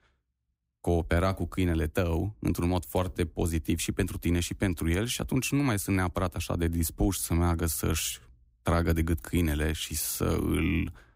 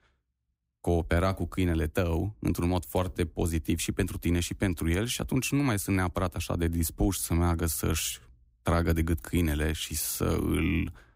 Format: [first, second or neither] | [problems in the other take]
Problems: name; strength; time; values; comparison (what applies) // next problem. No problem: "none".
neither | none